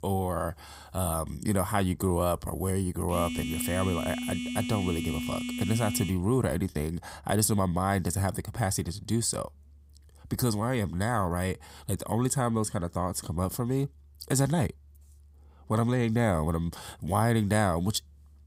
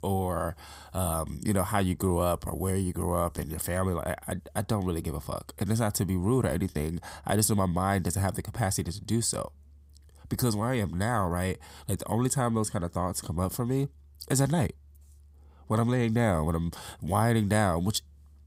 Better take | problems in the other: second | phone ringing; noticeable; from 3 to 6 s; peak 4 dB below the speech

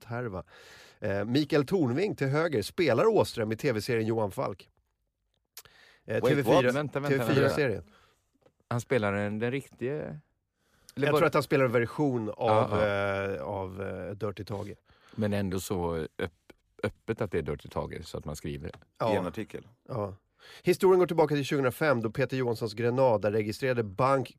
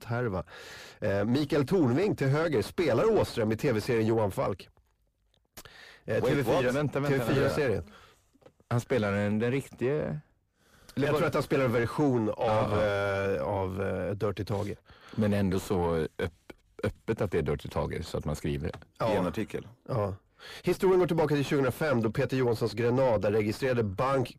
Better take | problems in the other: first | distortion; heavy; 7 dB below the speech

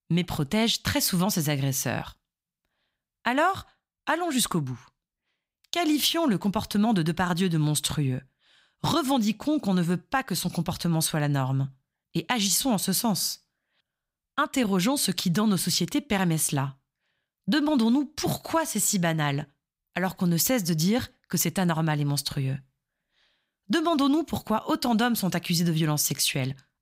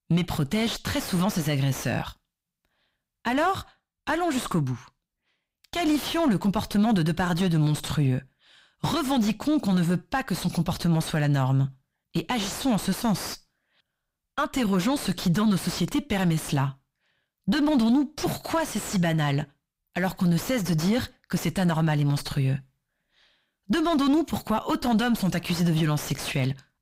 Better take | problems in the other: first | distortion; heavy; 6 dB below the speech

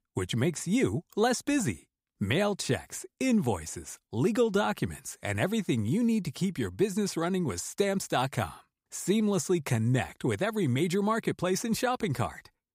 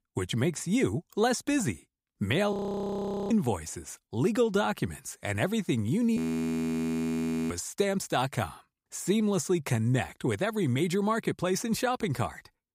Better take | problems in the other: first | audio freezing; at 2.5 s for 1 s and at 6 s for 1.5 s

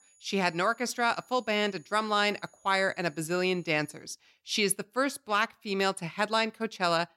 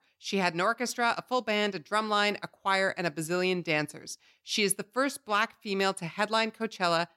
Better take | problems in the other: second | high-pitched whine; faint; until 4 s; 7 kHz, 30 dB below the speech

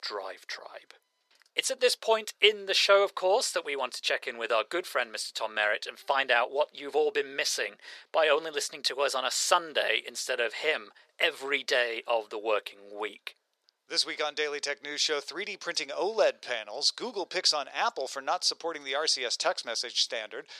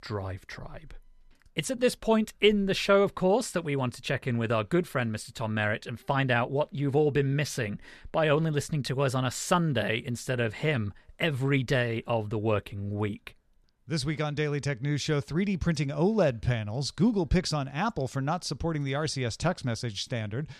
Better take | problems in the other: second | thin; very; fading below 450 Hz

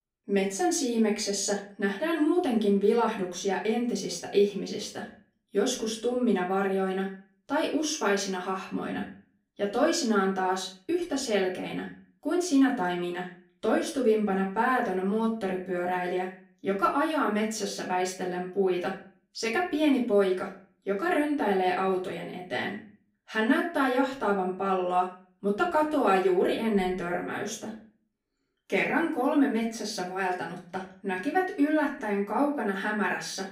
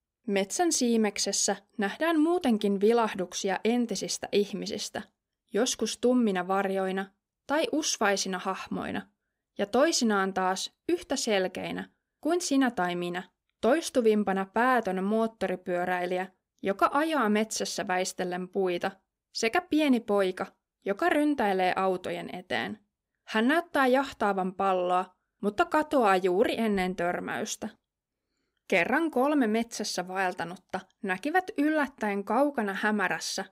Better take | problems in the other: second | off-mic speech; far // room echo; slight; dies away in 0.4 s

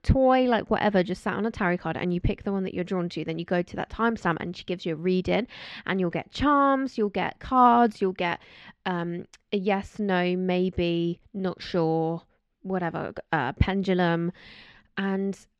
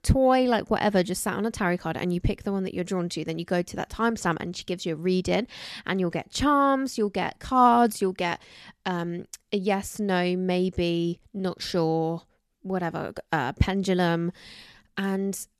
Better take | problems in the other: second | muffled; slightly; fading above 3 kHz

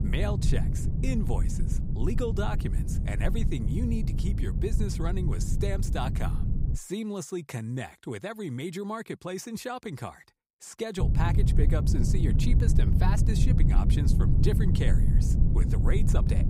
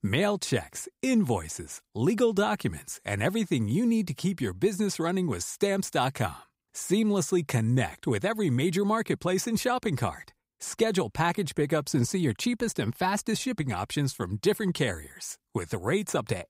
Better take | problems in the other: second | low rumble; loud; until 7 s and from 11 s on; 3 dB below the speech

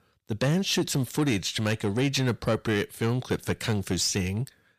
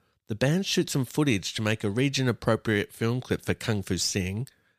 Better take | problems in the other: second | distortion; slight; 10 dB below the speech

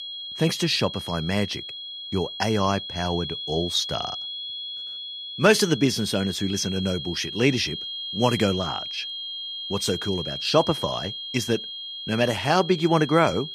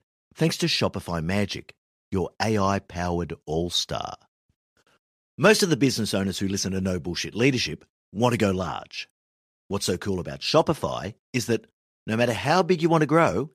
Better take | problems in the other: second | high-pitched whine; loud; throughout; 3.5 kHz, 7 dB below the speech

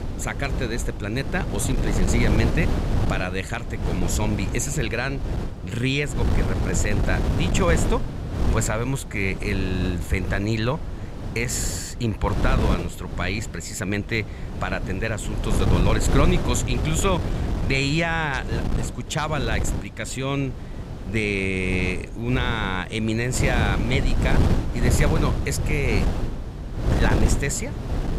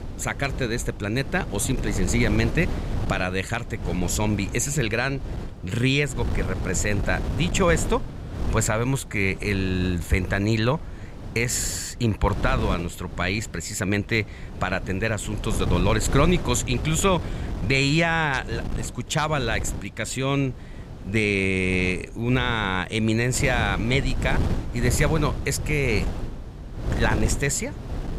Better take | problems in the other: second | wind noise on the microphone; heavy; 7 dB below the speech; occasional gusts in the second

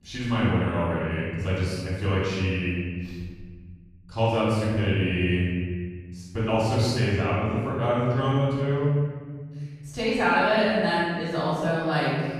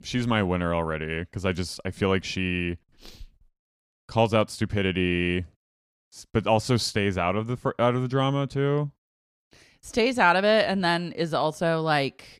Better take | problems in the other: second | room echo; strong; dies away in 1.9 s // off-mic speech; far

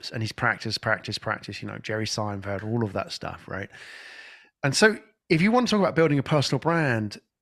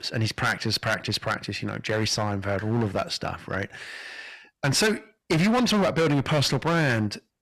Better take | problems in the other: first | distortion; heavy; 12% of the sound clipped

